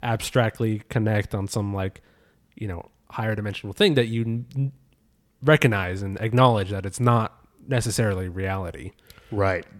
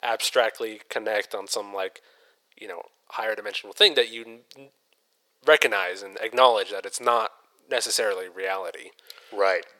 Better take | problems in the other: first | thin; very; fading below 500 Hz

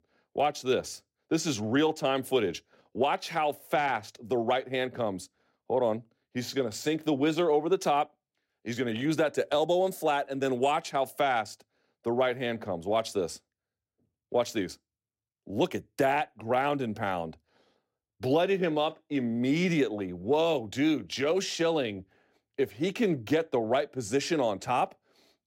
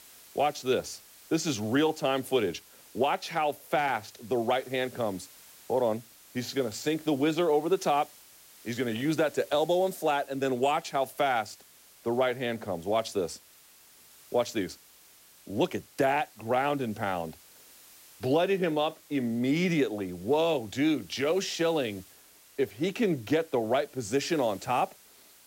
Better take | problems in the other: first | hiss; faint; throughout; 25 dB below the speech

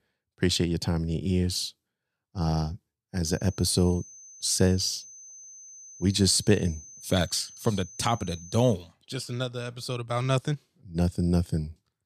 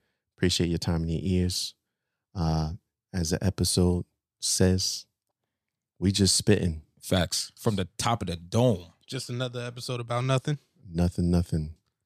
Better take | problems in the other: second | high-pitched whine; noticeable; from 3.5 to 8.5 s; 6 kHz, 20 dB below the speech

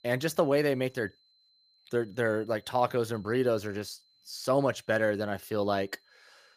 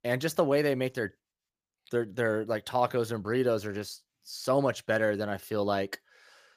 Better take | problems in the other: second | high-pitched whine; faint; throughout; 4 kHz, 35 dB below the speech

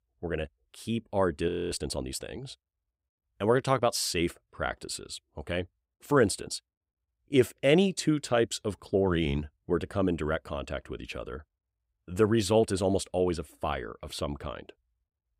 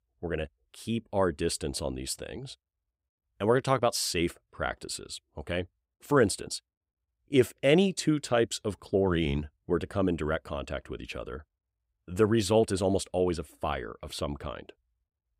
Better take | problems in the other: second | audio freezing; at 1.5 s

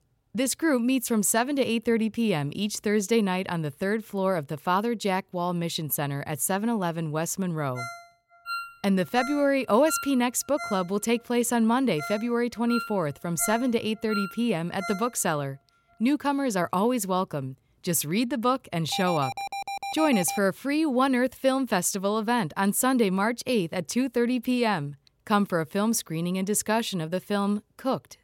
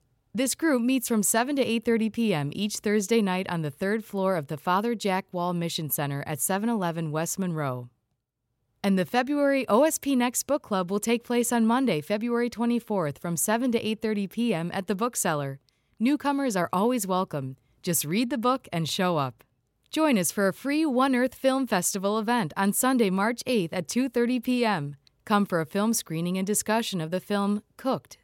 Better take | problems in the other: second | phone ringing; noticeable; from 8 to 15 s; peak 8 dB below the speech // alarm; noticeable; from 19 to 20 s; peak 7 dB below the speech

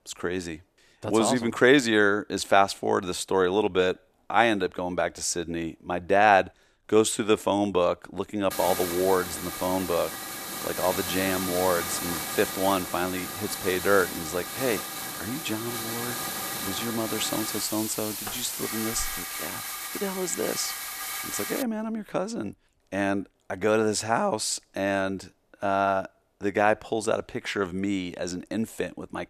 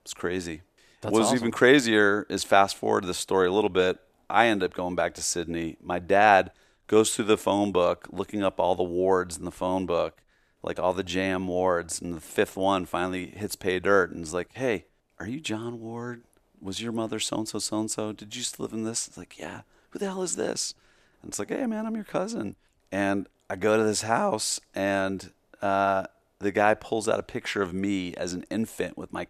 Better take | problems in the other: second | hiss; loud; from 8.5 to 22 s; 5 dB below the speech

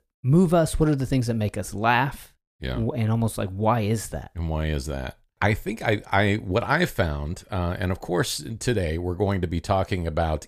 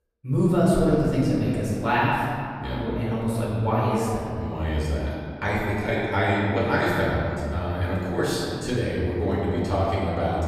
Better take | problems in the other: first | off-mic speech; far // room echo; strong; dies away in 2.4 s

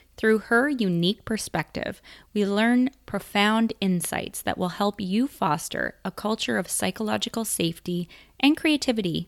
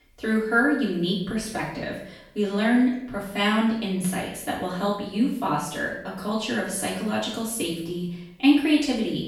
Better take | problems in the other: first | off-mic speech; far // room echo; noticeable; dies away in 0.6 s

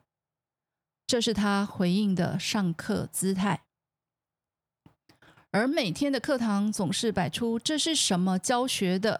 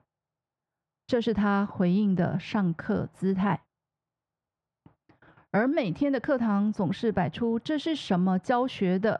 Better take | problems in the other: first | muffled; very; fading above 2 kHz

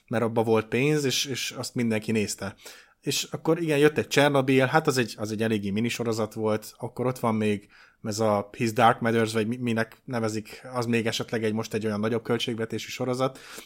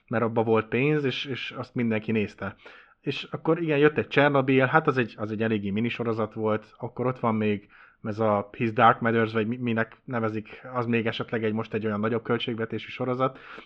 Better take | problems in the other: first | muffled; very; fading above 3 kHz

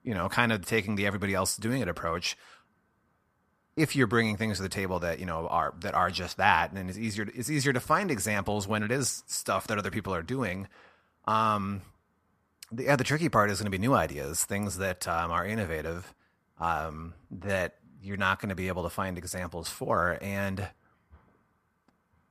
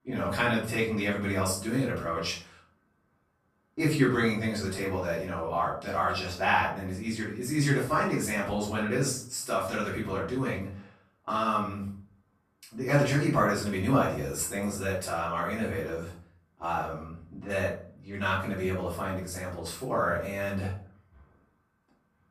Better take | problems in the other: first | room echo; noticeable; dies away in 0.4 s // off-mic speech; far

